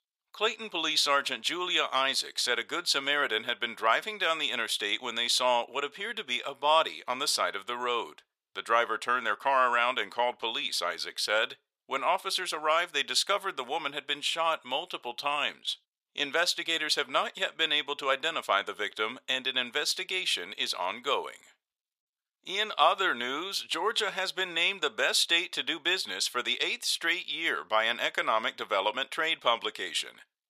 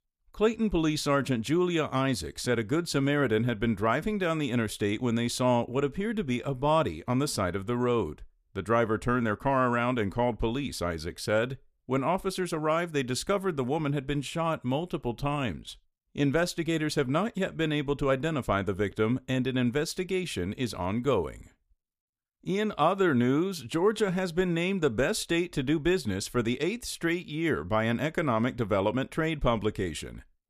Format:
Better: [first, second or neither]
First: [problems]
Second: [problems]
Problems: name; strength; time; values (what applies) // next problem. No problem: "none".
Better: second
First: thin; very; fading below 850 Hz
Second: none